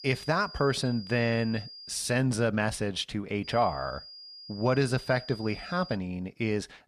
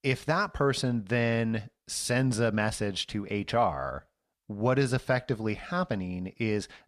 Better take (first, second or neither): second